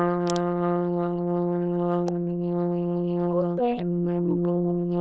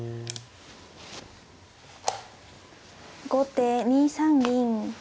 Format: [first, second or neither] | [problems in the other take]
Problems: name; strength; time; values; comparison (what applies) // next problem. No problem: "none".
second | noise reduction (neural diffusion model UNIVERSE++)